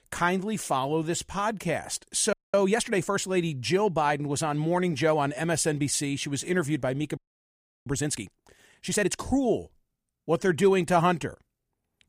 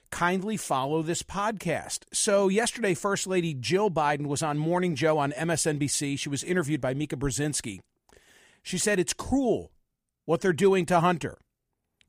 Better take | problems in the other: second | audio freezing; at 2.5 s and at 7 s for 0.5 s

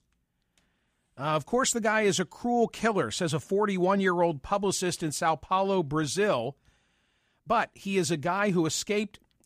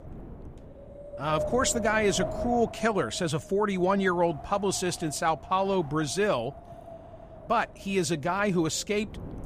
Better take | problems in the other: first | wind noise on the microphone; occasional gusts; 10 dB below the speech

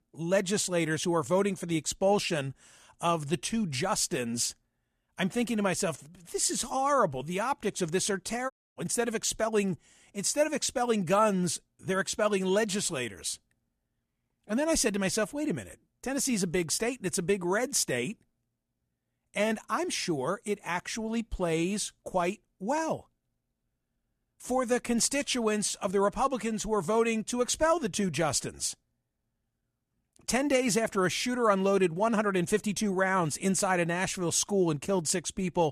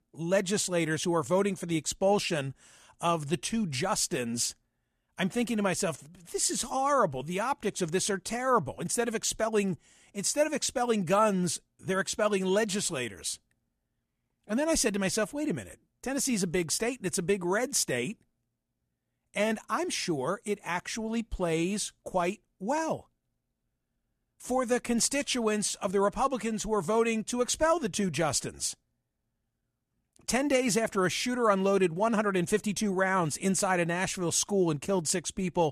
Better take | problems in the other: second | audio cutting out; at 8.5 s

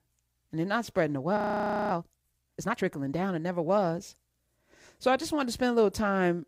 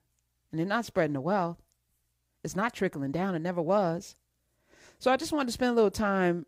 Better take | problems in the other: second | audio freezing; at 1.5 s for 0.5 s

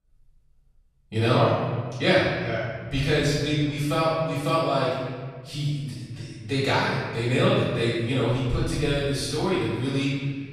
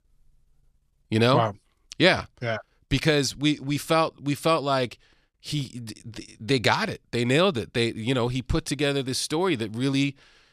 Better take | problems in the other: second | off-mic speech; far // room echo; strong; dies away in 1.7 s

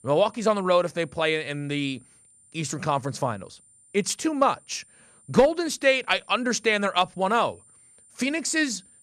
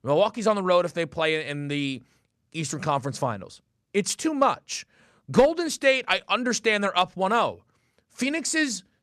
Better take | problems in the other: second | high-pitched whine; faint; throughout; 9 kHz, 30 dB below the speech

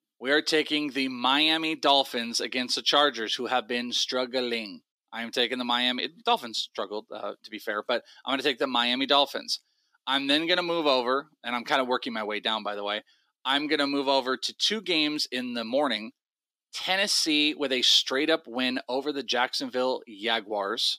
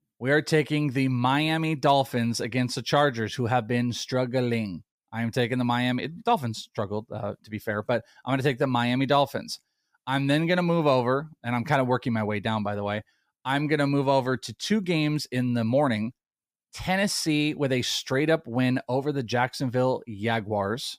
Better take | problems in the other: second | thin; very slightly; fading below 300 Hz

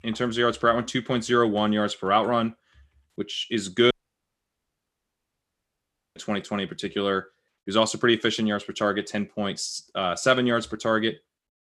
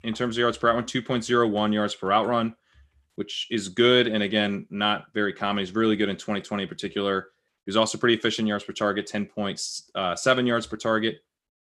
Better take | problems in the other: second | audio cutting out; at 4 s for 2.5 s

